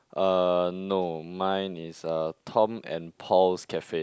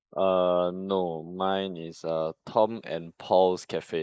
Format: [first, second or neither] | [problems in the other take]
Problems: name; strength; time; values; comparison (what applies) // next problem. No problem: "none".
first | noise reduction (neural mask model Resemble Enhance denoiser)